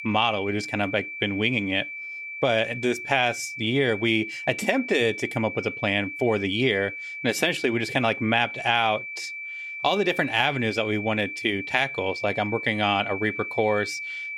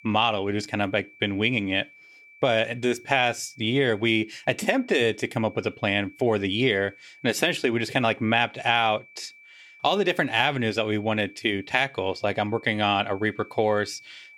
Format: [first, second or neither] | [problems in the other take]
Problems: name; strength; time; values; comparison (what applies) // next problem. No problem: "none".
second | high-pitched whine; loud; throughout; 2.5 kHz, 8 dB below the speech; faint in the second